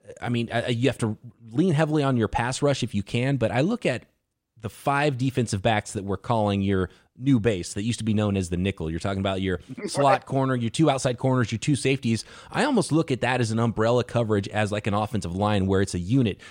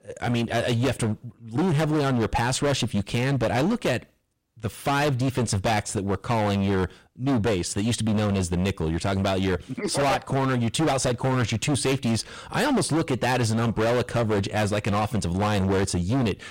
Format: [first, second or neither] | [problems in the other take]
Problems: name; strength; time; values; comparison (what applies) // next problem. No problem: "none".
first | distortion; heavy; 23% of the sound clipped